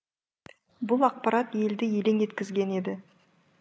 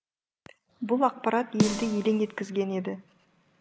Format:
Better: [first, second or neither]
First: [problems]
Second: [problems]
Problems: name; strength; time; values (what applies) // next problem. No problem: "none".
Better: first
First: none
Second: background sound (Snare drum); 4 dB below the speech